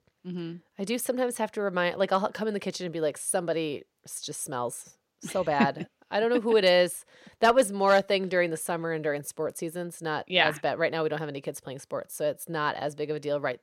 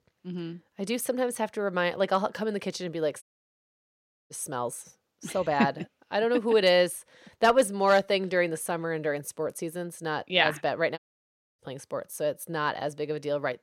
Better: first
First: none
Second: audio cutting out; at 3 s for 1 s and at 11 s for 0.5 s

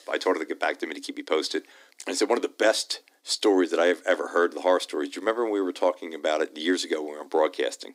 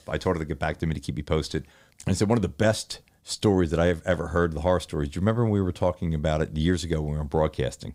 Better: second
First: thin; somewhat; fading below 250 Hz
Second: none

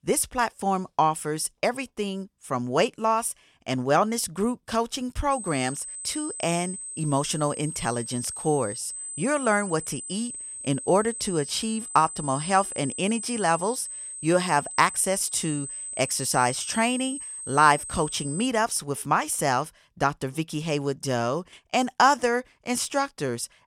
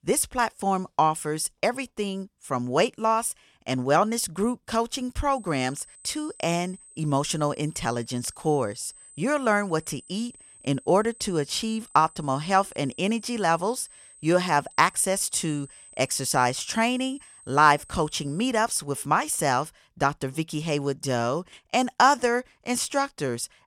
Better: second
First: high-pitched whine; loud; from 5.5 to 18 s; 8.5 kHz, 8 dB below the speech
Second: high-pitched whine; faint; from 5.5 to 18 s; 8.5 kHz, 20 dB below the speech

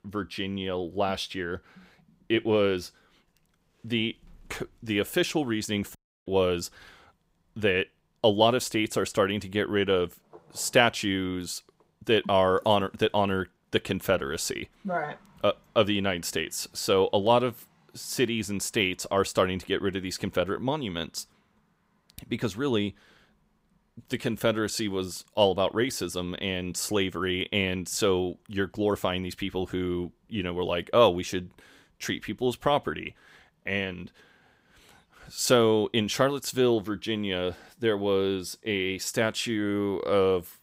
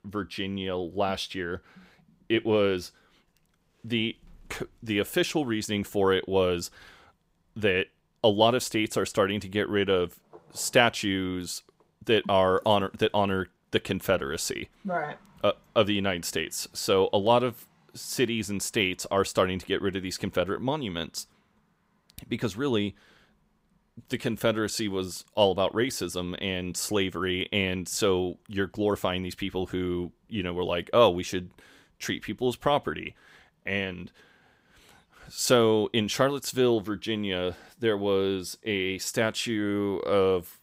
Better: second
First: audio cutting out; at 6 s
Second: none

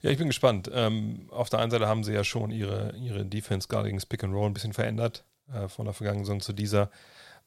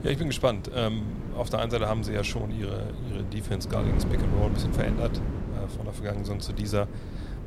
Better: first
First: none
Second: wind noise on the microphone; heavy; 8 dB below the speech

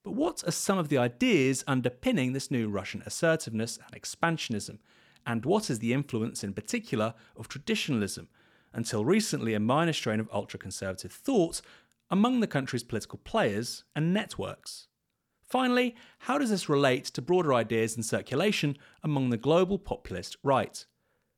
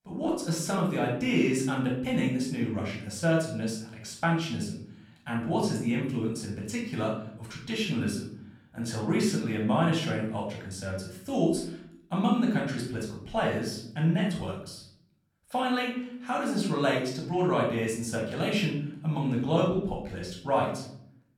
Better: first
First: none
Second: room echo; noticeable; dies away in 0.6 s // off-mic speech; far

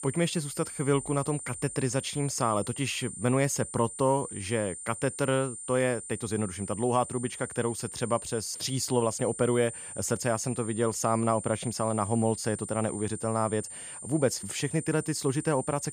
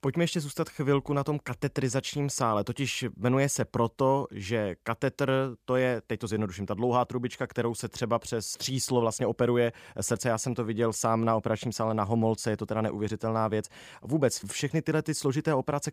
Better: second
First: high-pitched whine; loud; throughout; 9 kHz, 9 dB below the speech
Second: none

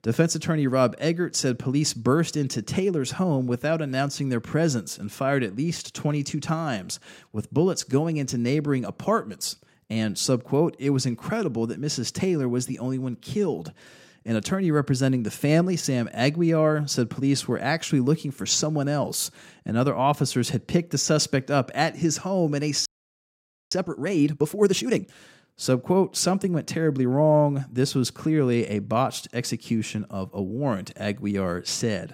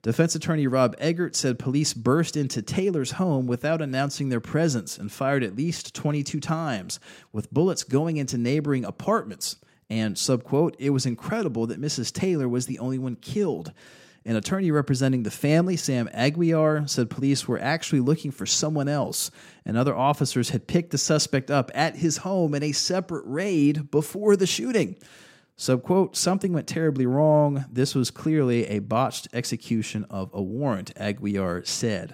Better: second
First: audio freezing; at 23 s for 1 s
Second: none

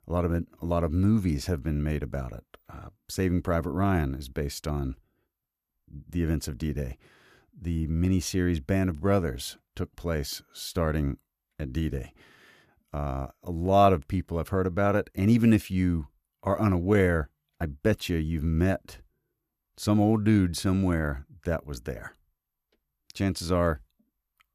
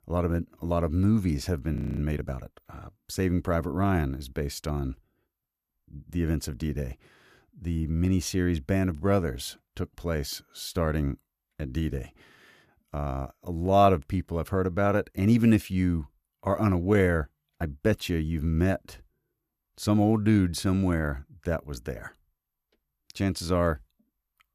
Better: first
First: none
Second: audio freezing; at 2 s

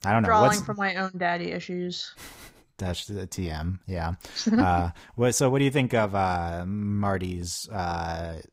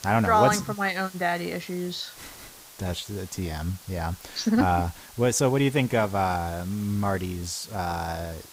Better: first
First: none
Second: hiss; noticeable; throughout; 20 dB below the speech

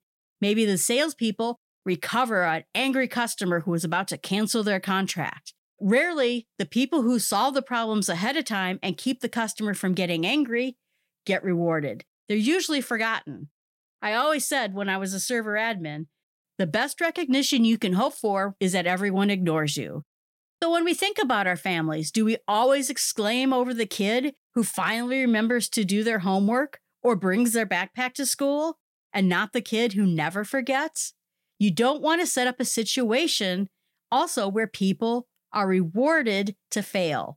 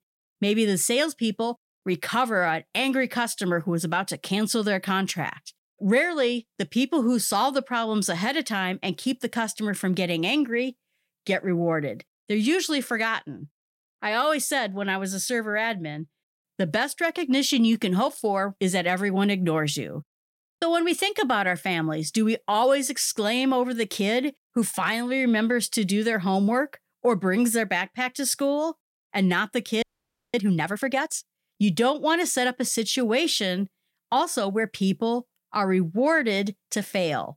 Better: first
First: none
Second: audio freezing; at 30 s for 0.5 s

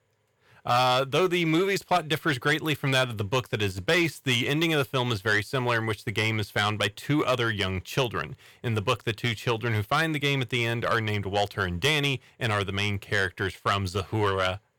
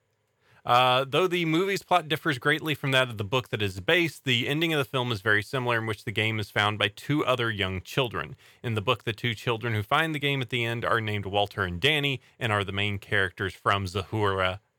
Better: second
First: distortion; slight; 10 dB below the speech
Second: none

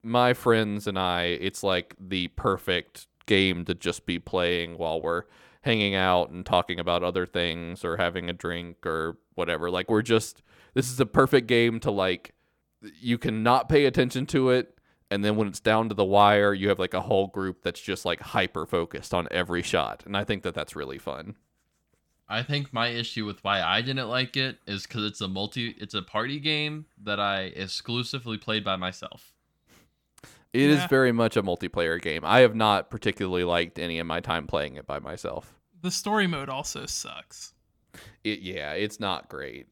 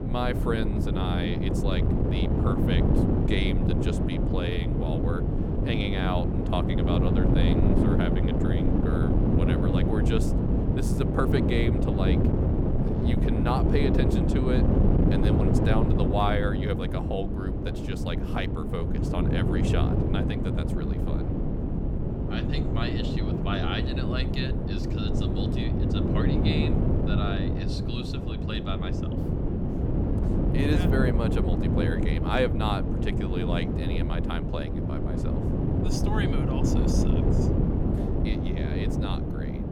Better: first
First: none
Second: wind noise on the microphone; heavy; 1 dB above the speech

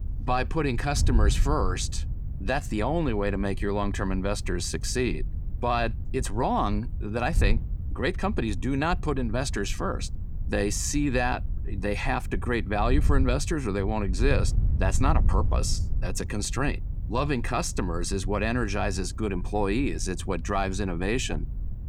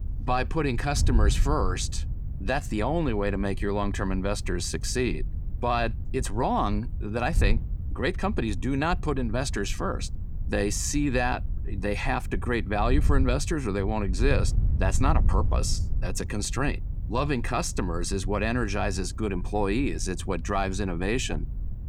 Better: neither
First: wind noise on the microphone; occasional gusts; 20 dB below the speech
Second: wind noise on the microphone; occasional gusts; 20 dB below the speech

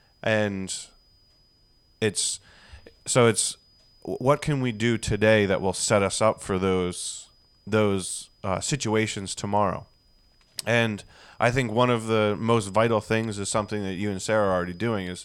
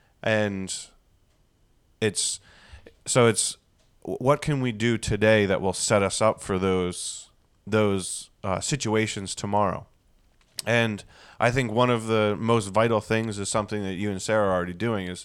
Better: second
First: high-pitched whine; faint; throughout; 5 kHz, 35 dB below the speech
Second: none

